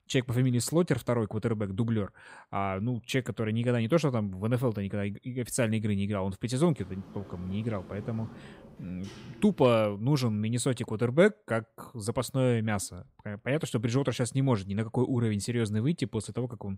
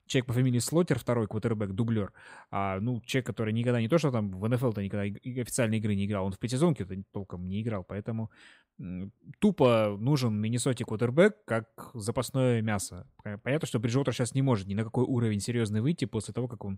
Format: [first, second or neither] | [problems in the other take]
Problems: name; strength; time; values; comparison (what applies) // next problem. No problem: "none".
second | door banging; faint; from 7 to 9.5 s; peak 15 dB below the speech